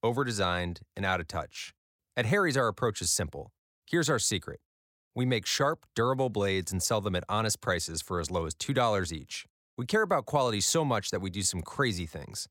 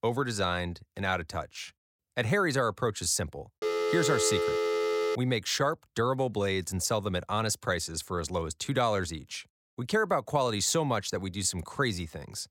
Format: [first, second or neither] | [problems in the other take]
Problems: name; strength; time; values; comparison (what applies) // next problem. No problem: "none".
first | phone ringing; loud; from 3.5 to 5 s; peak 1 dB above the speech